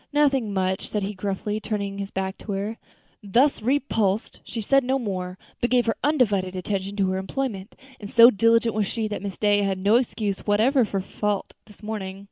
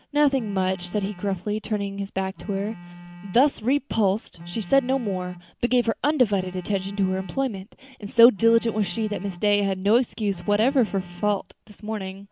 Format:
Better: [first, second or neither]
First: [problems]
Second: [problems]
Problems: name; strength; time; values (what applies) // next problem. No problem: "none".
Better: first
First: none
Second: background sound (Telephone); 19 dB below the speech